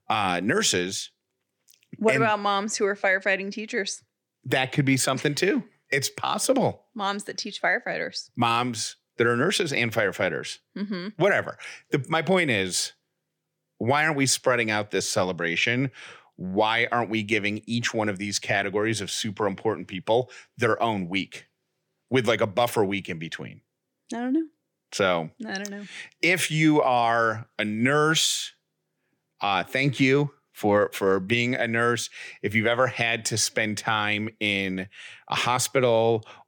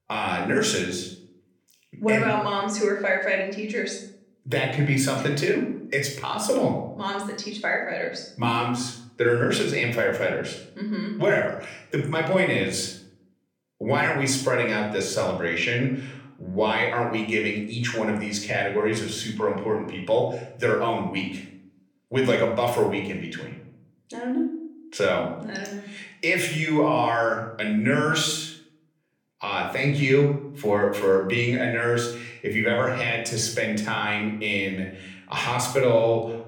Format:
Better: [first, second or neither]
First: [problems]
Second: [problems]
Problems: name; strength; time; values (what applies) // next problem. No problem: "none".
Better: first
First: none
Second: off-mic speech; somewhat distant // room echo; noticeable; dies away in 0.6 s